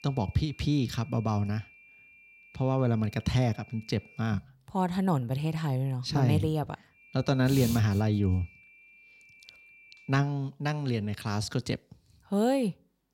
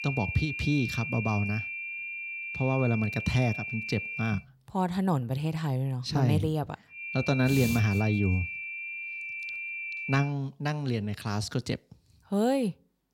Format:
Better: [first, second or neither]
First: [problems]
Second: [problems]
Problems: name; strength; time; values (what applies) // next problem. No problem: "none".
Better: first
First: high-pitched whine; faint; until 4.5 s and from 7 to 10 s; 2.5 kHz, 25 dB below the speech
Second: high-pitched whine; loud; until 4.5 s and from 7 to 10 s; 2.5 kHz, 5 dB below the speech